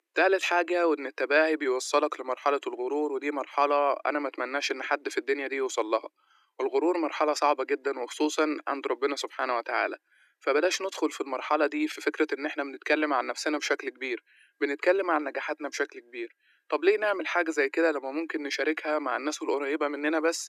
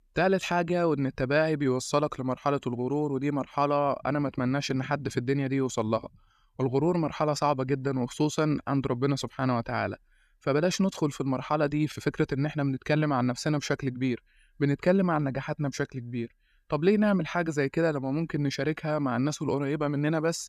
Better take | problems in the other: second | thin; somewhat; fading below 300 Hz

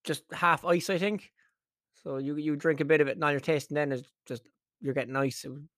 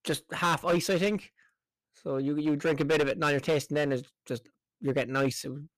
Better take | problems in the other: first | distortion; heavy; 8% of the sound clipped

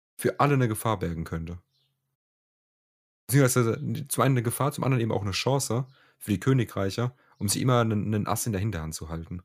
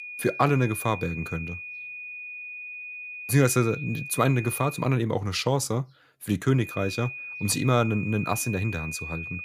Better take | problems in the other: first | high-pitched whine; loud; until 5 s and from 6.5 s on; 2.5 kHz, 9 dB below the speech

